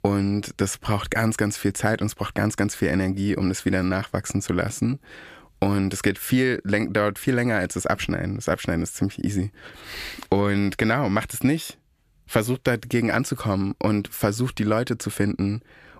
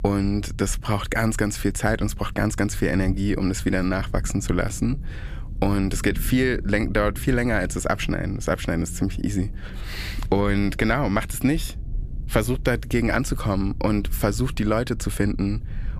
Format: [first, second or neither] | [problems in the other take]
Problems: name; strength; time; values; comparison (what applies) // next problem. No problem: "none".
first | low rumble; faint; throughout; 20 dB below the speech